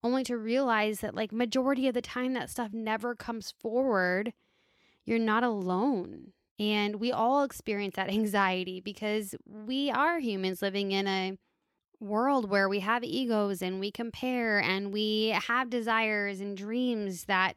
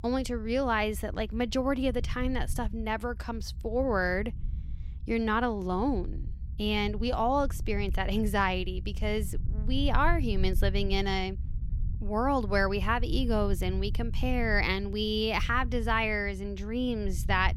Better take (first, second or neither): first